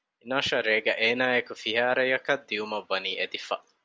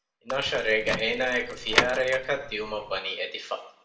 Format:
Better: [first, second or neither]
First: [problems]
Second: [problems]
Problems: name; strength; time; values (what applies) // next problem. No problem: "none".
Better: first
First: none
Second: background sound (Door / Car); 4 dB below the speech // room echo; dies away in 0.6 s